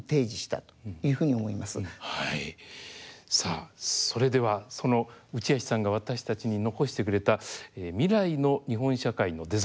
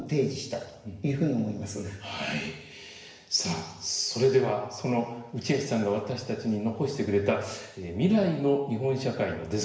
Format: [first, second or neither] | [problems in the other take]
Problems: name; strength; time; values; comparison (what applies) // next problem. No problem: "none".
first | room echo; dies away in 0.9 s